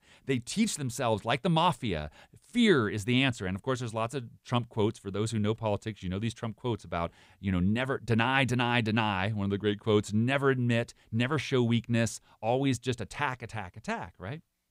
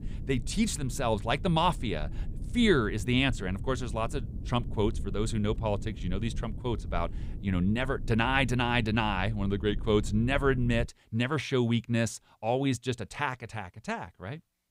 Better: first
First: none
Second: low rumble; faint; until 11 s; 20 dB below the speech

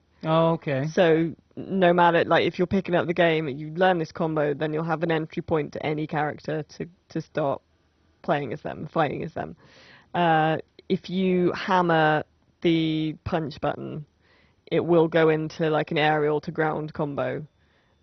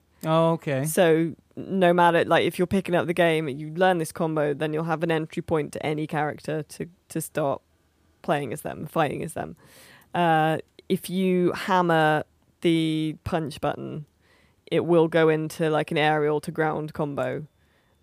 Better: second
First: garbled, watery; badly; nothing above 6 kHz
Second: none

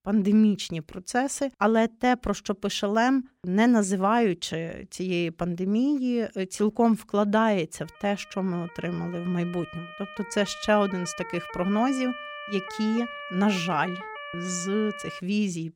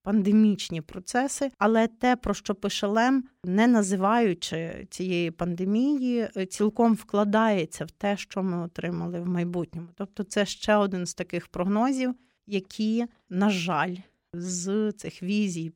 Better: second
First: siren; faint; from 8 to 15 s; peak 10 dB below the speech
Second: none

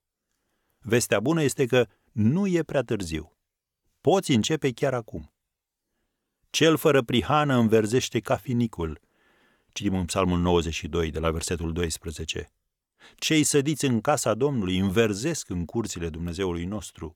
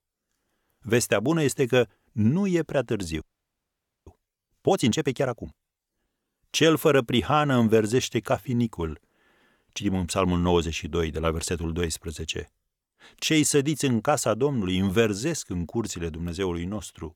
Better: first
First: none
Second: audio freezing; at 3 s for 1 s

